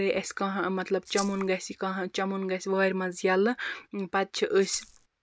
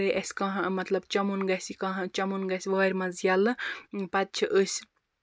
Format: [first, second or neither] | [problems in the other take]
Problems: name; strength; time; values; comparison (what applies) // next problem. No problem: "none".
second | background sound (Rattle (instrument)); 11 dB below the speech